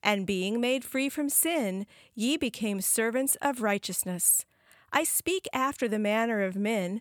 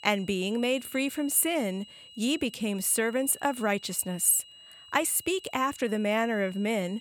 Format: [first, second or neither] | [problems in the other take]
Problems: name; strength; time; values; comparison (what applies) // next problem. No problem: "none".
first | high-pitched whine; faint; throughout; 3 kHz, 20 dB below the speech